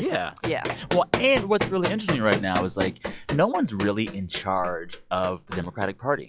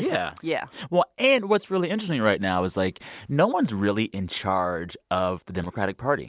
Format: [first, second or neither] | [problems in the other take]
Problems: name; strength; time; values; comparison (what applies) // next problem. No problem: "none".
second | noise reduction (classical method log-MMSE)